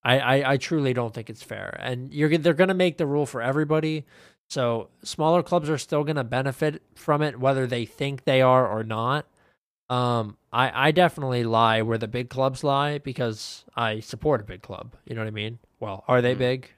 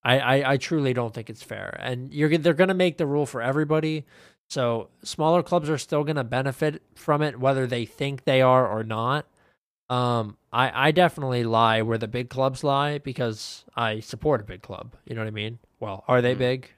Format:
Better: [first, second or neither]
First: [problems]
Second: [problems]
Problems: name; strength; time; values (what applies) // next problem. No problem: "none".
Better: neither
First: none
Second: none